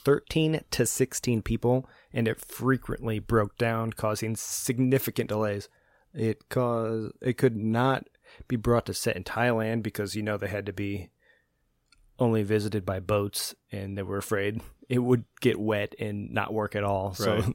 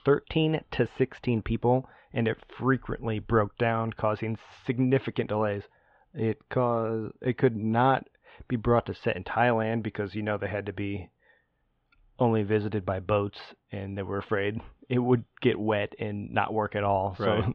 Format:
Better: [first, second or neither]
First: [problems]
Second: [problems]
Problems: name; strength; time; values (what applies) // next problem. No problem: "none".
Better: first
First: none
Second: muffled; very; fading above 3.5 kHz